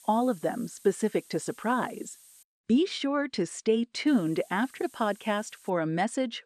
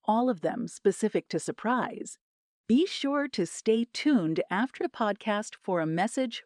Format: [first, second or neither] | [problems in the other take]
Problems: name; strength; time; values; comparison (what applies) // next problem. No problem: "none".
second | hiss; faint; until 2.5 s and from 4 to 5.5 s; 25 dB below the speech